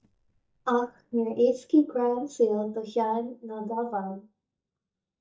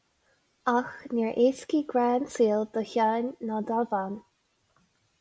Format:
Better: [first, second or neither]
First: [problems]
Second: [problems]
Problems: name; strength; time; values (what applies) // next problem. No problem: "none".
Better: second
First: noise reduction (neural mask model DeepFilterNet 3)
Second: none